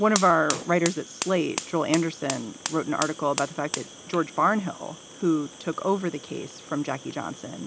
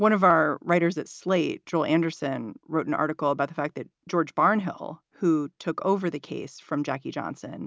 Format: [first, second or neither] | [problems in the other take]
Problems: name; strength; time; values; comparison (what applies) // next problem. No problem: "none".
second | background sound (Fire); 10 dB below the speech